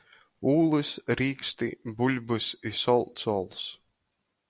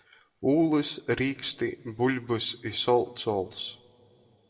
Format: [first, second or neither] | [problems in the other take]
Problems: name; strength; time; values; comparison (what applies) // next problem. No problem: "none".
first | room echo; dies away in 2.4 s